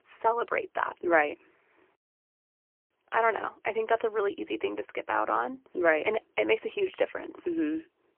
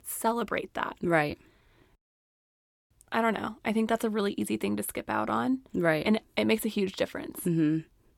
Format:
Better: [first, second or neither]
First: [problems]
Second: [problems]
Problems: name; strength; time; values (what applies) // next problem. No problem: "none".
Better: second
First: phone-call audio; poor line; nothing above 3 kHz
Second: none